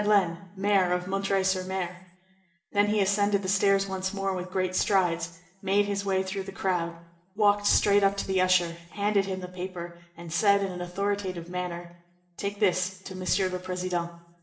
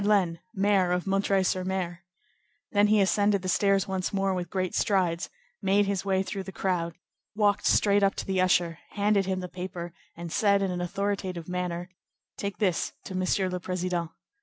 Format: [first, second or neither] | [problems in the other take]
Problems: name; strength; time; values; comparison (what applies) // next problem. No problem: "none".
second | room echo; dies away in 0.6 s